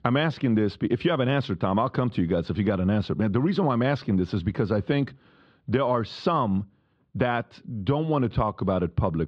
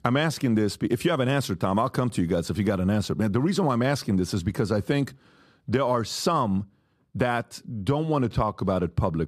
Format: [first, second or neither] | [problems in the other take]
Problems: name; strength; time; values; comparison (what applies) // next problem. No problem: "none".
second | muffled; slightly; fading above 3.5 kHz